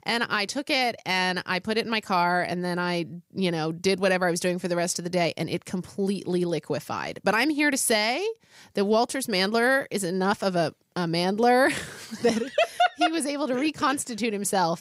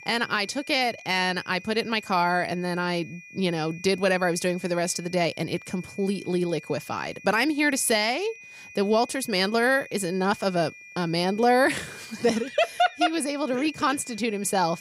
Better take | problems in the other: first | high-pitched whine; noticeable; throughout; 2.5 kHz, 20 dB below the speech

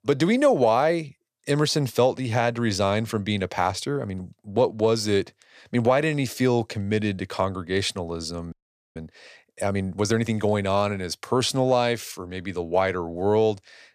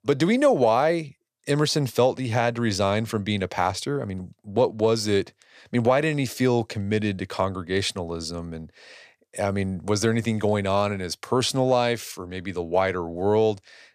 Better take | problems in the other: second | audio freezing; at 8.5 s

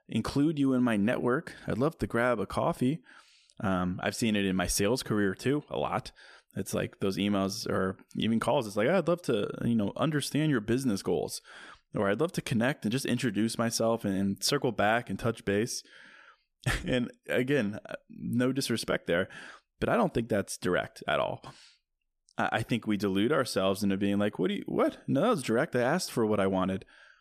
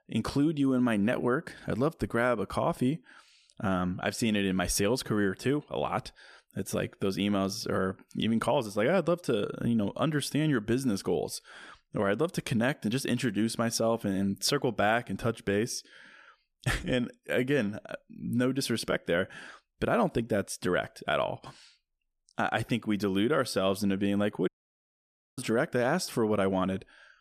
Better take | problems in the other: first | audio cutting out; at 24 s for 1 s

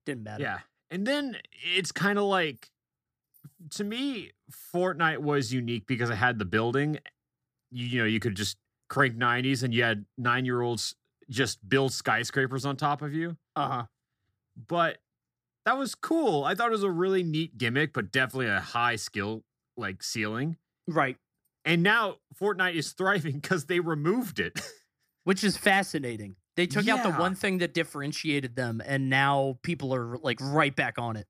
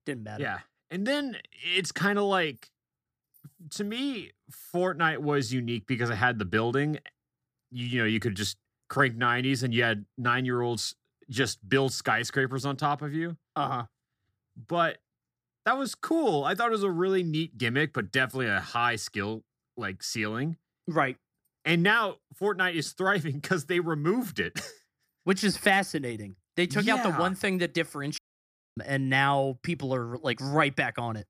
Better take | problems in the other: first | audio cutting out; at 28 s for 0.5 s

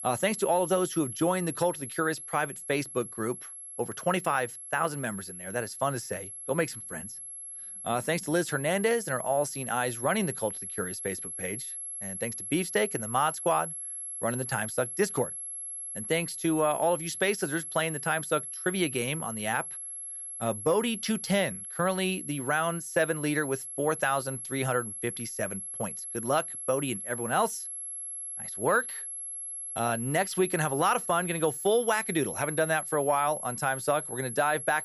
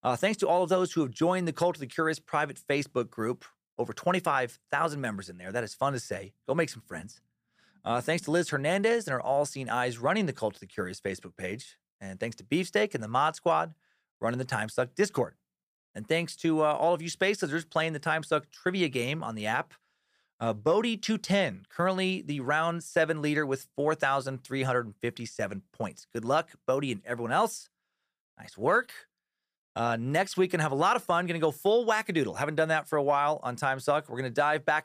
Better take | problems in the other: second | high-pitched whine; loud; throughout; 11 kHz, 6 dB below the speech

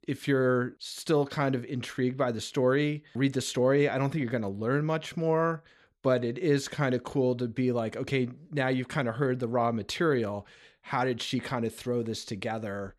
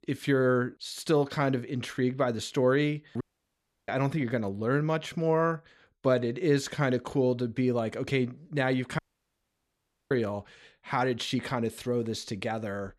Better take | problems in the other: first | audio cutting out; at 3 s for 0.5 s and at 9 s for 1 s

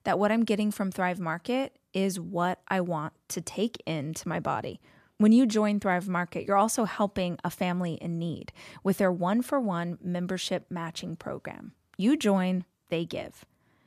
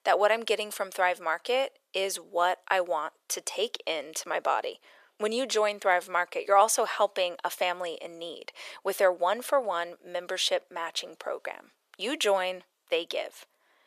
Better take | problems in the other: first | thin; very; fading below 450 Hz

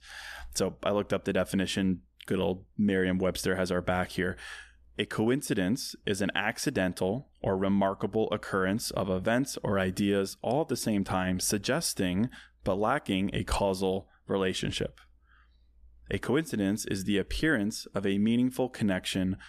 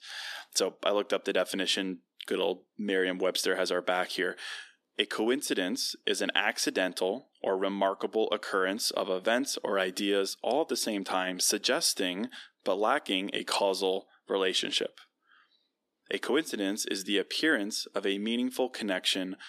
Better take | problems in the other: first | thin; very slightly; fading below 250 Hz

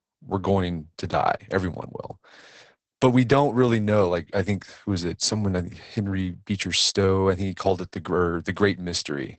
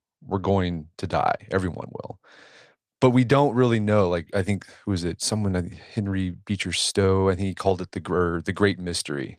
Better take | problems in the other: second | garbled, watery; badly; nothing above 8 kHz; slightly in the second

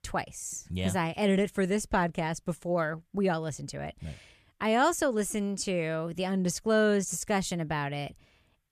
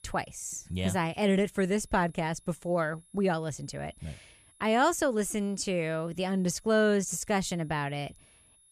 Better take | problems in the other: first | high-pitched whine; faint; throughout; 10.5 kHz, 30 dB below the speech

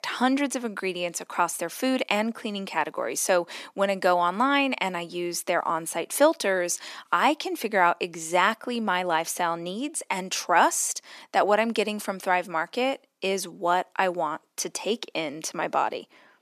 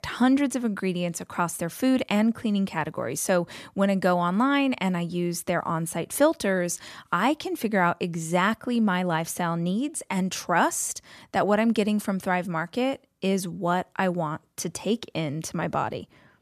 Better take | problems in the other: second | thin; somewhat; fading below 300 Hz

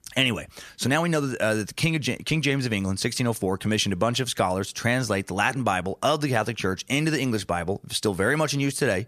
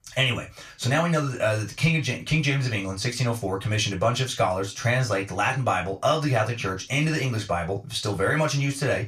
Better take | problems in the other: first | room echo; very slight; dies away in 0.2 s // off-mic speech; far

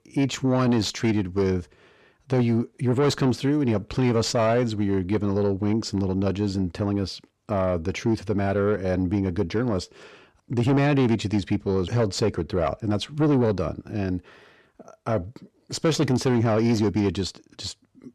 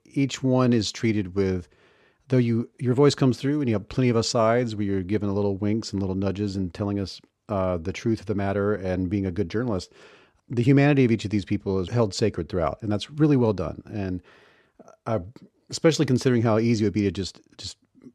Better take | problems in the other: second | distortion; slight; 10 dB below the speech

